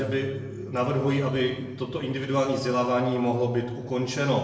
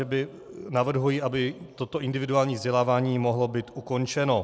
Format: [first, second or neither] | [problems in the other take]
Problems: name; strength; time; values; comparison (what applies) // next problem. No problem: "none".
second | background sound (Bass guitar); 18 dB below the speech // room echo; dies away in 0.9 s